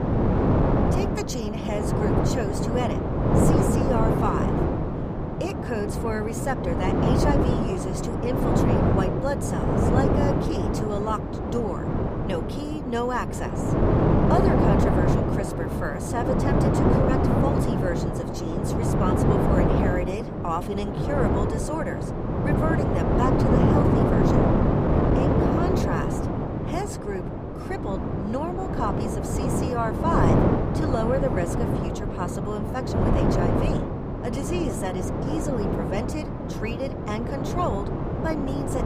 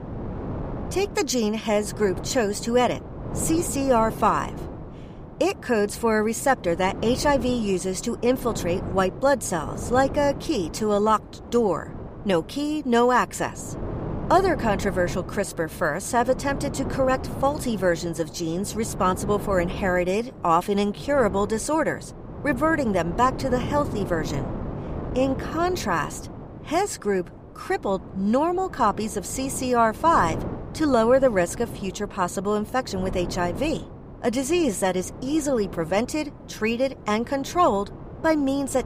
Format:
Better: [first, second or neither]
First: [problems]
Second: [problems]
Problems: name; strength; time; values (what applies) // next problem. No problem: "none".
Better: second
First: wind noise on the microphone; heavy; 3 dB above the speech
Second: wind noise on the microphone; occasional gusts; 15 dB below the speech